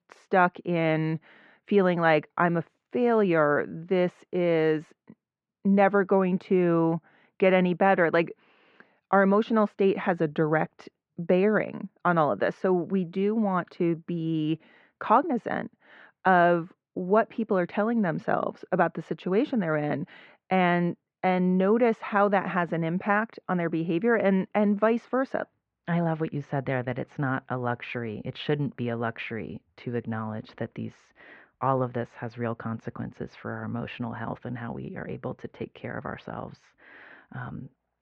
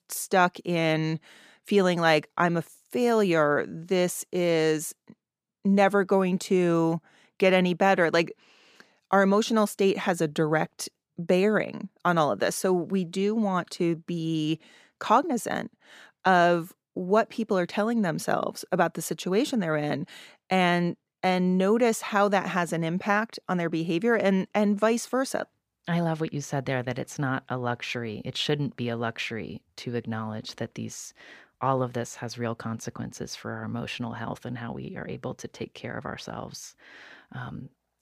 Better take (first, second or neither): second